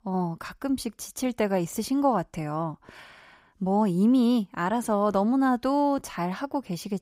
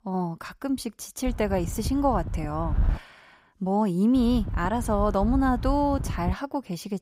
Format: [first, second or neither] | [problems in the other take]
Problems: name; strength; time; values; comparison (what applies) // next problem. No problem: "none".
first | wind noise on the microphone; occasional gusts; from 1.5 to 3 s and from 4 to 6.5 s; 20 dB below the speech